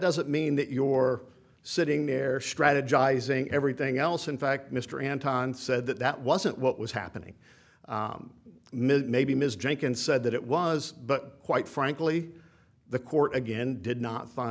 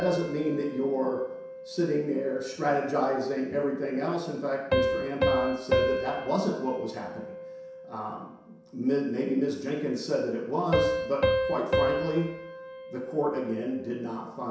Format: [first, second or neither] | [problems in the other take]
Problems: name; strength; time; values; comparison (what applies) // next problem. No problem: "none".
first | background sound (Piano); 3 dB below the speech // room echo; dies away in 0.7 s